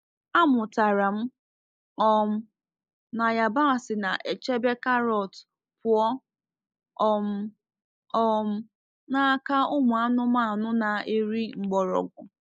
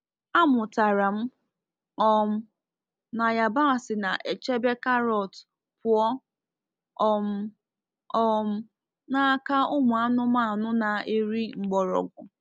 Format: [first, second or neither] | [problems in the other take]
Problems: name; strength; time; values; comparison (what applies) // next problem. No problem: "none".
second | noise reduction (neural mask model Resemble Enhance denoiser)